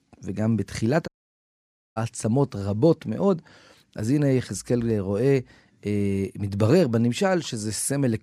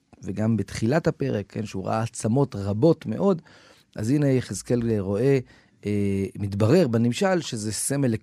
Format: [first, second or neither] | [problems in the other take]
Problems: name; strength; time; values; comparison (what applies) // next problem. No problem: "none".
second | audio cutting out; at 1 s for 1 s